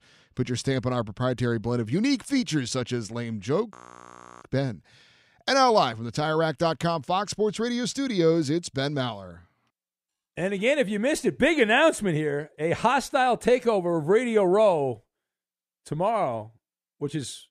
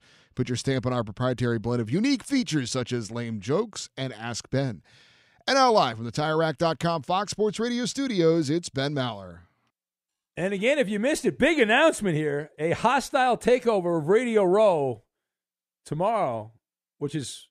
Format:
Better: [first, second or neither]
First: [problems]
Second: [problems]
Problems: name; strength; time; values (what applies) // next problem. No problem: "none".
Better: second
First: audio freezing; at 4 s for 0.5 s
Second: none